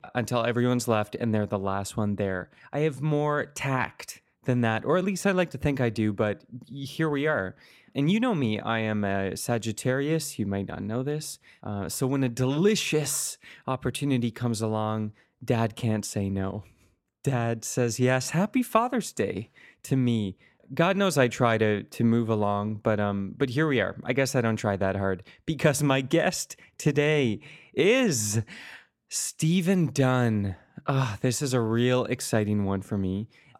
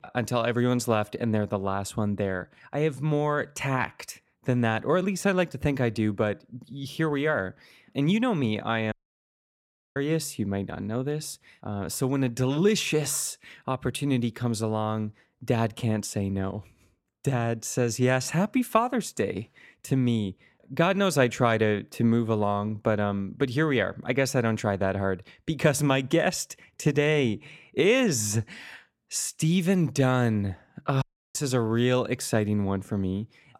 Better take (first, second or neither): first